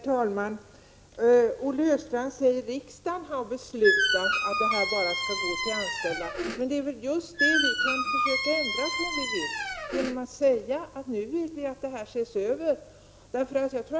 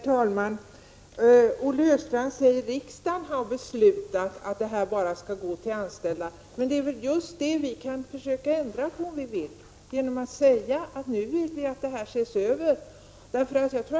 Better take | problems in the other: second | background sound (Squeak); 1 dB above the speech

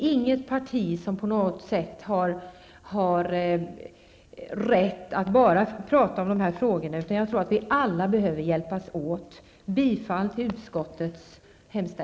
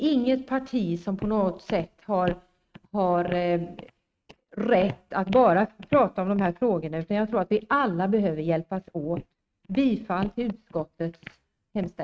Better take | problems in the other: first | noise reduction (neural mask model RNNoise)

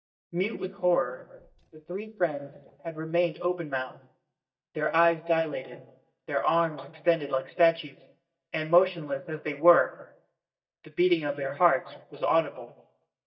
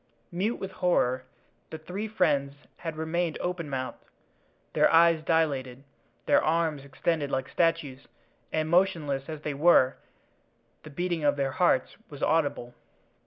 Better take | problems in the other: second | noise reduction (neural mask model DeepFilterNet 3)

